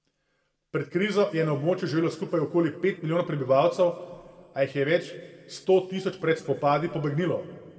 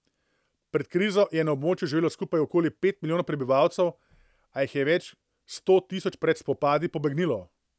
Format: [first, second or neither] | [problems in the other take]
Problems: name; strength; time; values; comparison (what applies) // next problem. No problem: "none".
second | room echo; dies away in 1.7 s